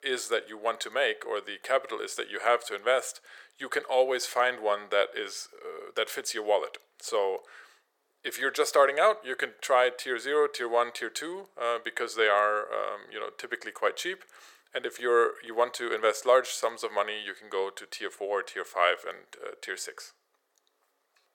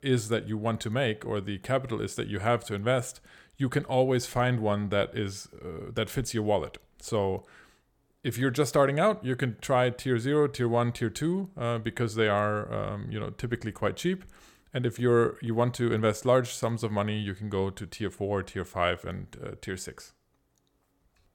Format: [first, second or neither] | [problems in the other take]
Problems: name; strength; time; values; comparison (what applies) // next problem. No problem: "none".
second | thin; very; fading below 450 Hz